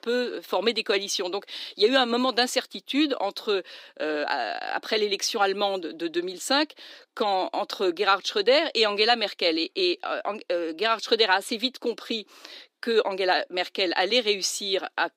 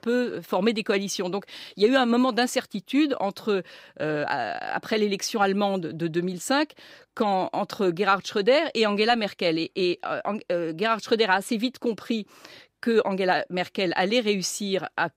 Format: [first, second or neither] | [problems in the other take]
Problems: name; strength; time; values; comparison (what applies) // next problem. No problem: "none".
second | thin; very slightly; fading below 250 Hz